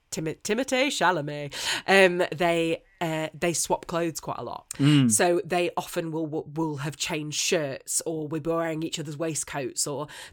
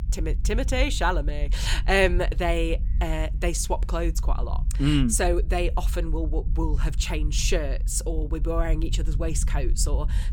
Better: first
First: none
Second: low rumble; noticeable; throughout; 20 dB below the speech

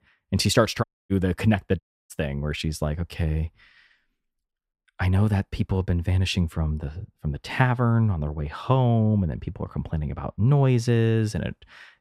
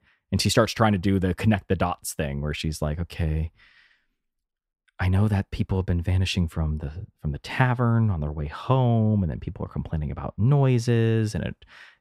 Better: second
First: audio cutting out; at 1 s and at 2 s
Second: none

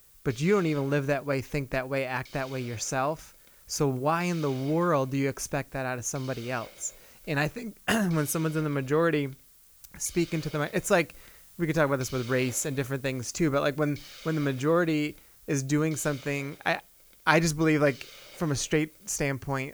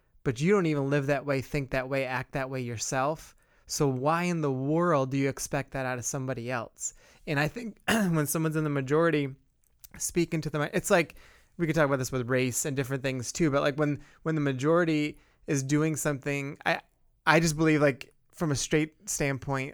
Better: second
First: hiss; faint; throughout; 20 dB below the speech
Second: none

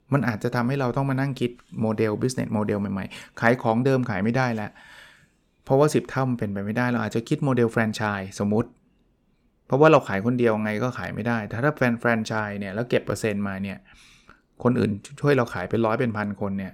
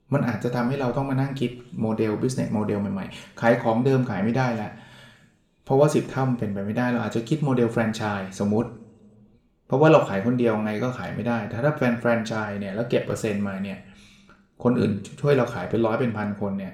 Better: first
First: none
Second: room echo; slight; dies away in 0.6 s

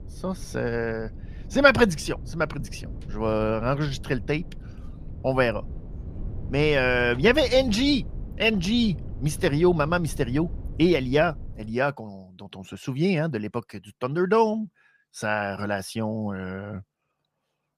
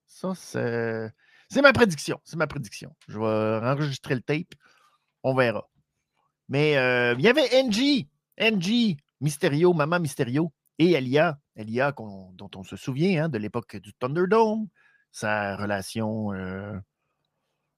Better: second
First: wind noise on the microphone; occasional gusts; until 12 s; 25 dB below the speech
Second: none

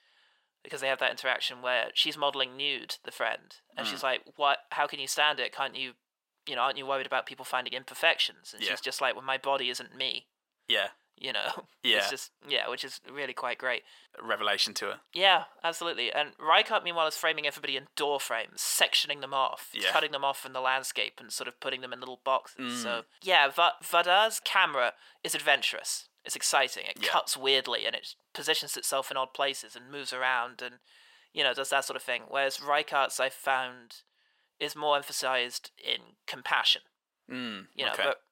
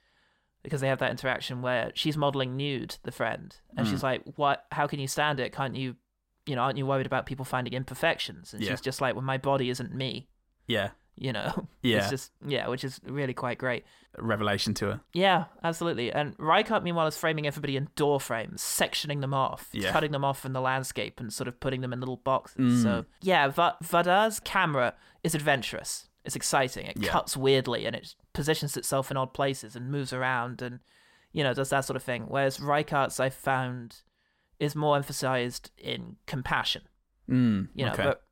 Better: second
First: thin; very; fading below 600 Hz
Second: none

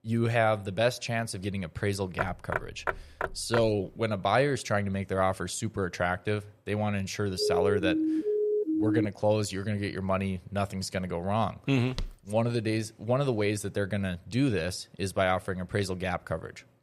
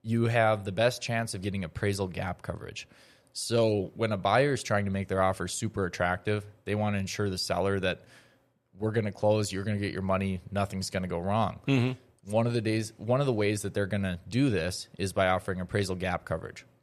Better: second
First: door banging; noticeable; from 2 to 3.5 s; peak 3 dB below the speech // siren; loud; from 7.5 to 9 s; peak 2 dB above the speech // footsteps; faint; at 12 s; peak 10 dB below the speech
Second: none

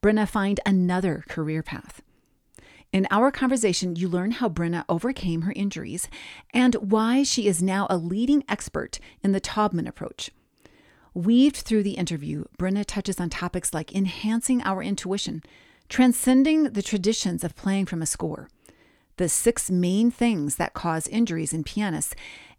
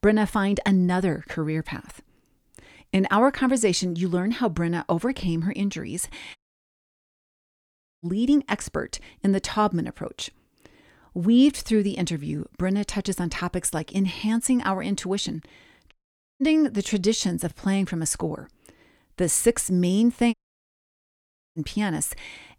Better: first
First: none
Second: audio cutting out; at 6.5 s for 1.5 s, at 16 s and at 20 s for 1 s

